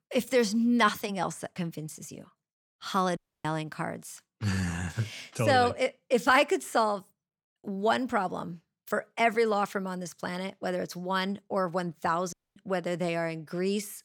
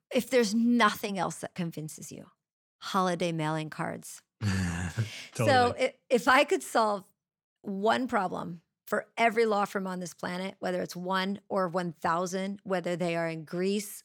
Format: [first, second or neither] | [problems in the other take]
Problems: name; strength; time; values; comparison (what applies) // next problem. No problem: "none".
second | audio cutting out; at 3 s and at 12 s